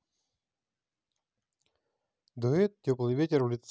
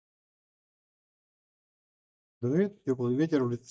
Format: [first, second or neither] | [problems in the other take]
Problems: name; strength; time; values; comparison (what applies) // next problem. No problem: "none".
first | noise reduction (neural mask model DeepFilterNet 3)